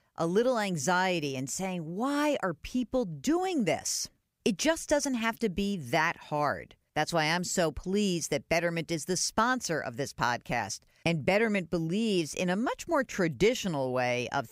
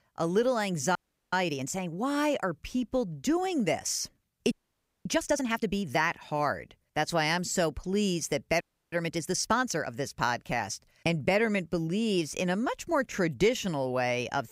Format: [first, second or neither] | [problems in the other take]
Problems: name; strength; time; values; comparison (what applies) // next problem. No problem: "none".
first | audio freezing; at 1 s, at 4.5 s for 0.5 s and at 8.5 s